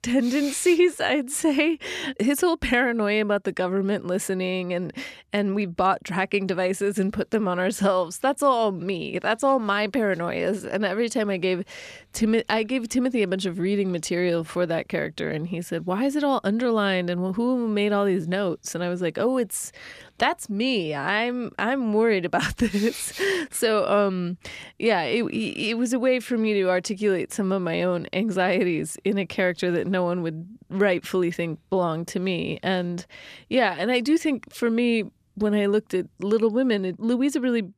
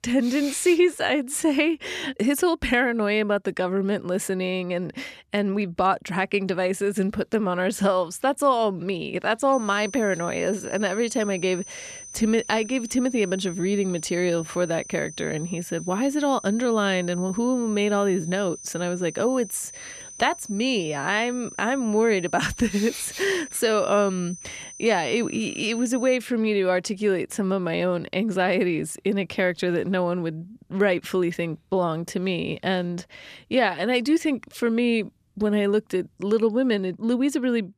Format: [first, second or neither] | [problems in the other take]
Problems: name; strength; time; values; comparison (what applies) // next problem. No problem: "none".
first | high-pitched whine; noticeable; from 9.5 to 26 s; 6 kHz, 15 dB below the speech